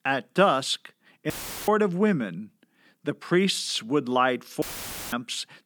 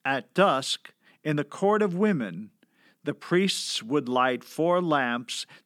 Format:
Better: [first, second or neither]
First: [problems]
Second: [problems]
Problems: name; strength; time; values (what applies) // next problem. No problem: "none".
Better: second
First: audio cutting out; filled with static; at 1.5 s and at 4.5 s for 0.5 s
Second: none